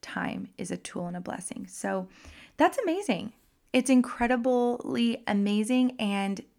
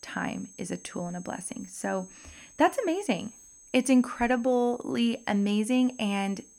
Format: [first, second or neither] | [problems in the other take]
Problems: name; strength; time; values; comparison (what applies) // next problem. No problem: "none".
first | high-pitched whine; faint; throughout; 6.5 kHz, 20 dB below the speech